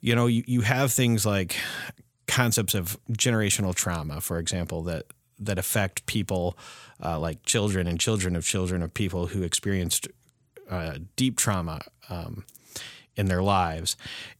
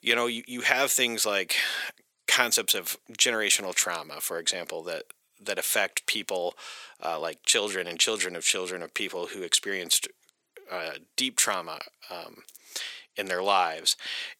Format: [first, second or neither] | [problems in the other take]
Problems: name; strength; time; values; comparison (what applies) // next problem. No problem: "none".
first | thin; very; fading below 400 Hz